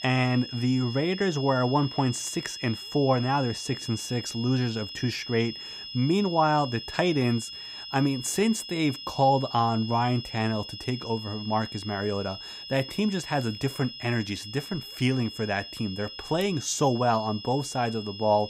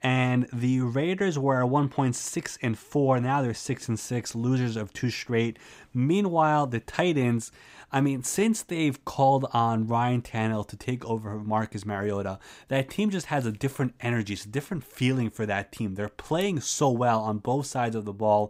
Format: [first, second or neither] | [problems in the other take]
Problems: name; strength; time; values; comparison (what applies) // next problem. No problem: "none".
second | high-pitched whine; noticeable; throughout; 5 kHz, 10 dB below the speech